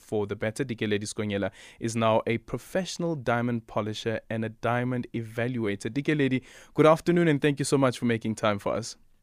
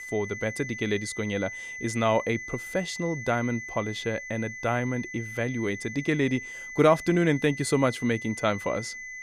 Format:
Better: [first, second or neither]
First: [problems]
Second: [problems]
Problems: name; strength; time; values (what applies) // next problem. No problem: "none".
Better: first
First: none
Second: high-pitched whine; loud; throughout; 2 kHz, 9 dB below the speech